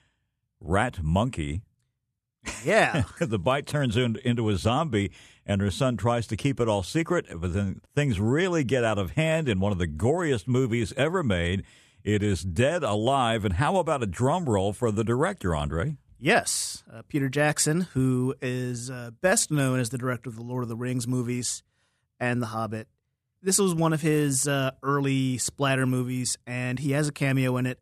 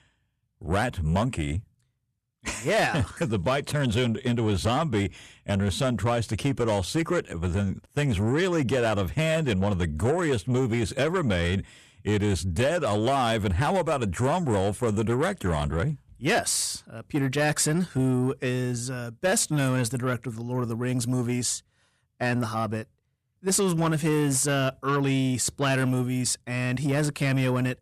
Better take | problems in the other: first | distortion; slight; 10 dB below the speech

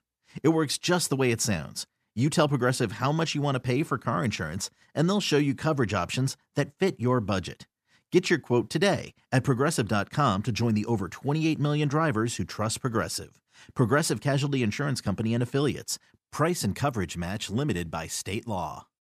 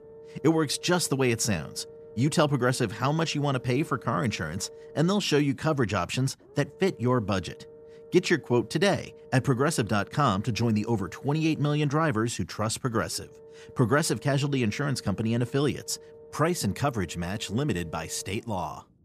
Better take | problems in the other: first | low rumble; noticeable; throughout; 20 dB below the speech

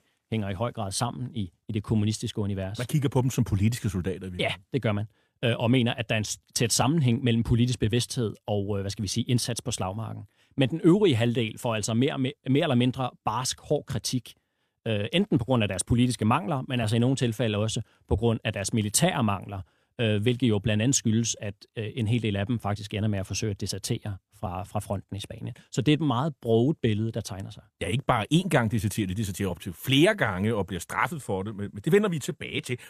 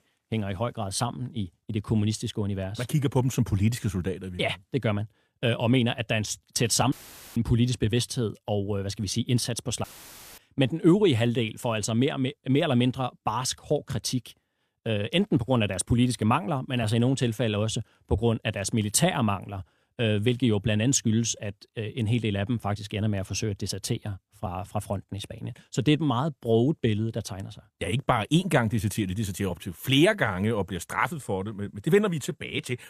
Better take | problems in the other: first | audio cutting out; filled with static; at 7 s and at 10 s for 0.5 s

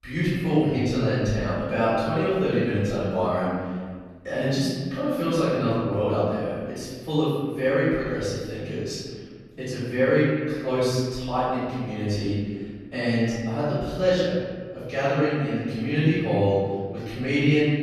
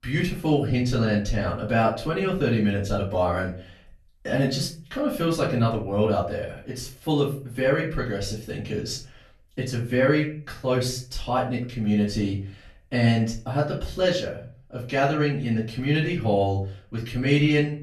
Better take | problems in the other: second | room echo; strong; dies away in 1.6 s; slight in the second // off-mic speech; far; far in the second

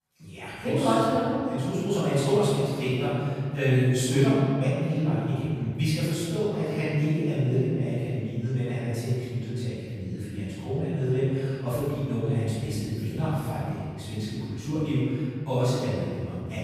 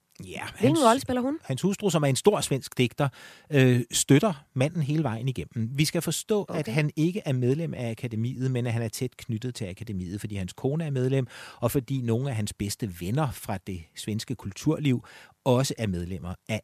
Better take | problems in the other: second | room echo; strong; dies away in 2.4 s // off-mic speech; far

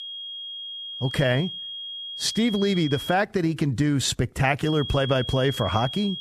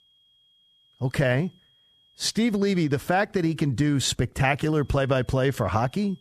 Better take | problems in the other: second | high-pitched whine; loud; until 3 s and from 4.5 s on; 3.5 kHz, 8 dB below the speech; faint in the second

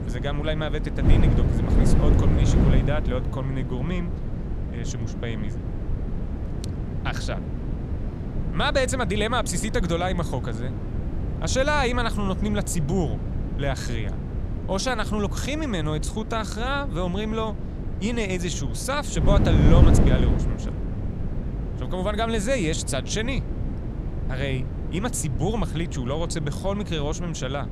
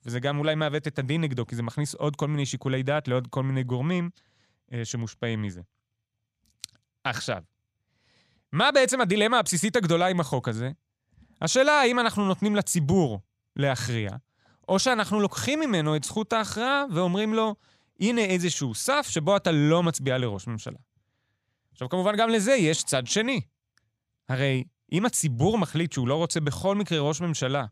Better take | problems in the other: second | wind noise on the microphone; heavy; 8 dB below the speech

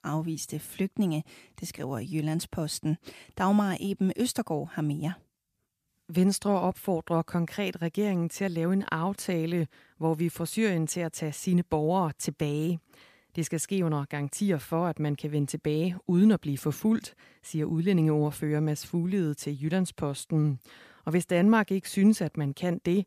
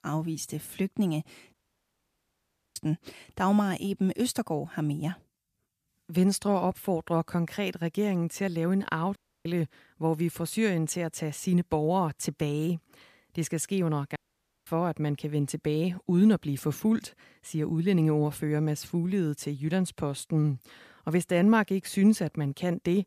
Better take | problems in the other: first | audio cutting out; at 1.5 s for 1 s, at 9 s and at 14 s for 0.5 s

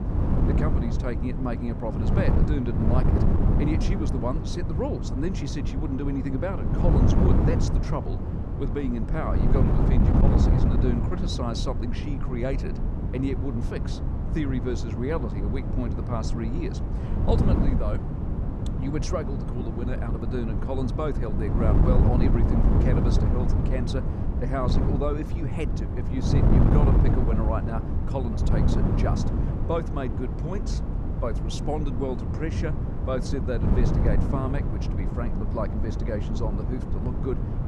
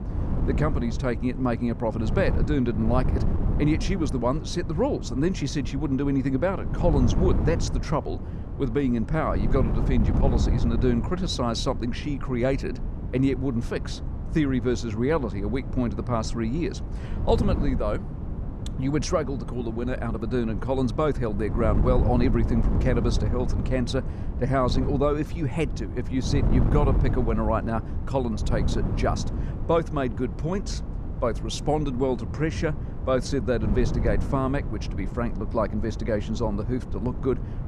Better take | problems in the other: second | wind noise on the microphone; heavy; 1 dB below the speech; occasional gusts in the second

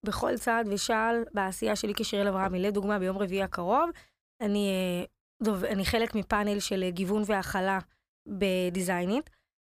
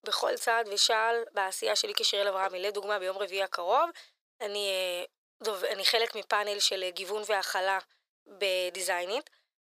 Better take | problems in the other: first | thin; very; fading below 500 Hz

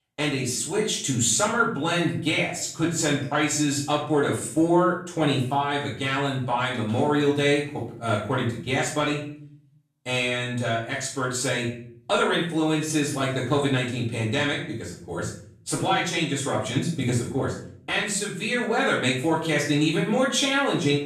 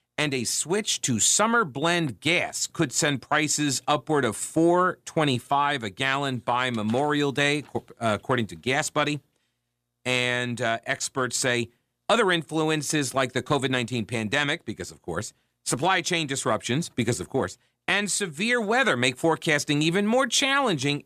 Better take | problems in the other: second | room echo; noticeable; dies away in 0.5 s // off-mic speech; far

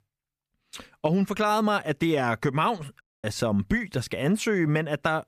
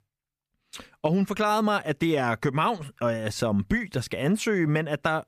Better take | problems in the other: second | audio cutting out; at 3 s

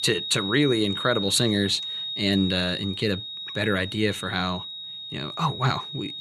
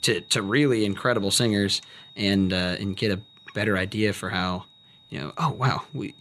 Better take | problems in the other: second | high-pitched whine; loud; throughout; 4 kHz, 6 dB below the speech; faint in the second

